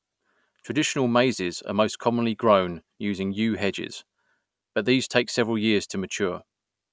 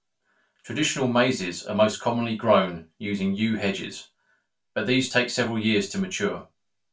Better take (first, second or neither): first